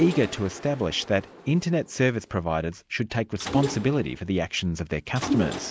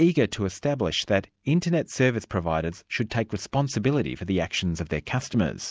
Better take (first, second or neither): second